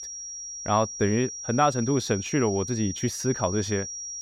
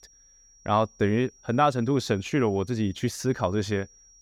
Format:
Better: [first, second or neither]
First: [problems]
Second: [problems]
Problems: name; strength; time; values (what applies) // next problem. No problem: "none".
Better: second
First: high-pitched whine; loud; throughout; 5.5 kHz, 8 dB below the speech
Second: high-pitched whine; faint; throughout; 5.5 kHz, 30 dB below the speech